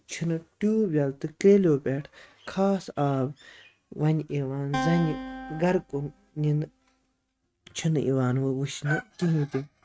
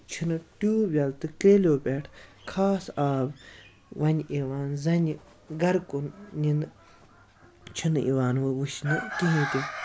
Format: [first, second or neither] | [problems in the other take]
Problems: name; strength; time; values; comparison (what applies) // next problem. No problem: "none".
second | noise reduction (neural mask model RNNoise)